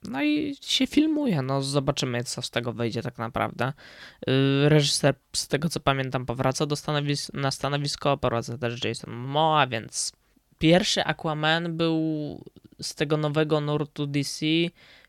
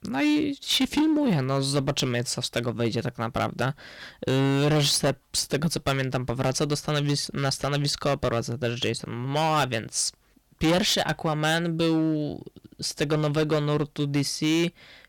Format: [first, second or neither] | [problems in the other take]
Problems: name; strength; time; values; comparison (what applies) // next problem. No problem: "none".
first | distortion; heavy; 9% of the sound clipped